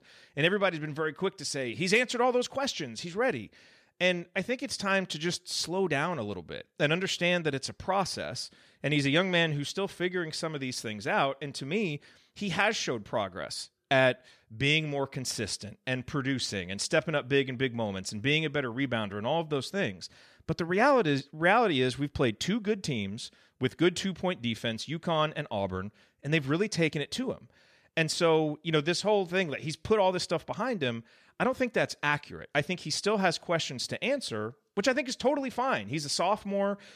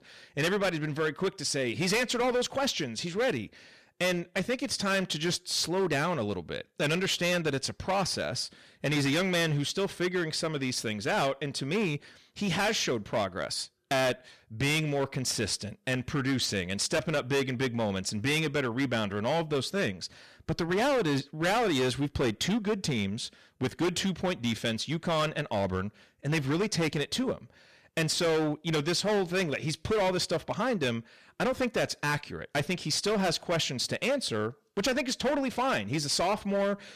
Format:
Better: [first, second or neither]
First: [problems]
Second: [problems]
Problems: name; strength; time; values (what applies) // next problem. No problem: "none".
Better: first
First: none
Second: distortion; heavy; 14% of the sound clipped